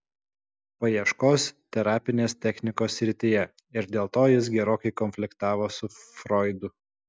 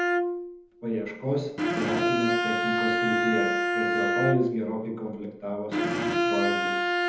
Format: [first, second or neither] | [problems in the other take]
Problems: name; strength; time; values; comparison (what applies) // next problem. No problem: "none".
first | background sound (Bowed string instrument); 4 dB above the speech // room echo; dies away in 1 s